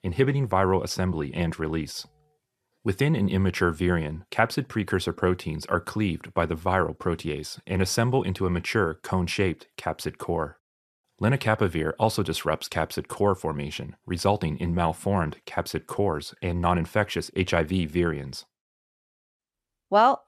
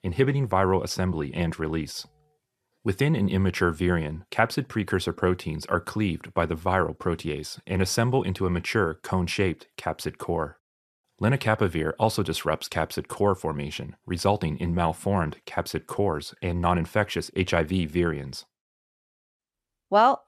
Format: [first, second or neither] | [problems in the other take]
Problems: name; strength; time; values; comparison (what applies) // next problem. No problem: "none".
neither | none